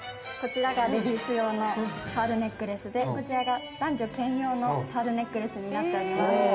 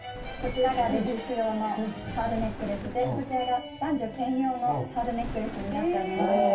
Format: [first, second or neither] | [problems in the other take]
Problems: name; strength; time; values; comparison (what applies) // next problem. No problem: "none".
first | background sound (Thunder); 11 dB below the speech // room echo; dies away in 0.2 s